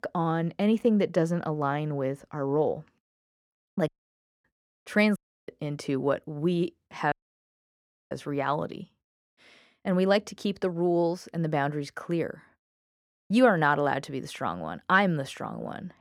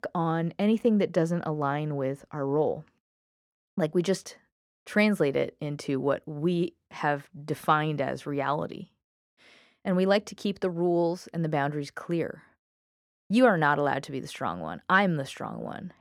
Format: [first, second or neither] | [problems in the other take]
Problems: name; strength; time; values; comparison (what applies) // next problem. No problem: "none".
second | audio cutting out; at 4 s for 0.5 s, at 5 s and at 7 s for 1 s